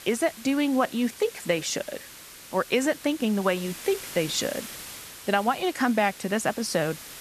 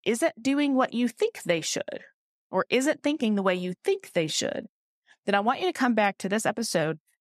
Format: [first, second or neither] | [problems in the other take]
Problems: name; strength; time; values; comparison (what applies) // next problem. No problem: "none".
second | hiss; noticeable; throughout; 15 dB below the speech